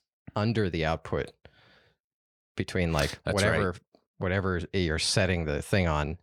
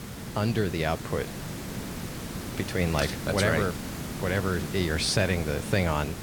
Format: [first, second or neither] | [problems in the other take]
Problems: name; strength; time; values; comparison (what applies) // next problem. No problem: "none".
first | hiss; loud; throughout; 8 dB below the speech